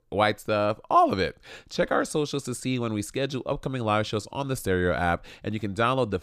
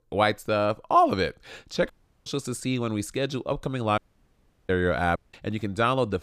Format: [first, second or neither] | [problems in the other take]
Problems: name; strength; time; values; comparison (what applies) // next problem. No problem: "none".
first | audio cutting out; at 2 s, at 4 s for 0.5 s and at 5 s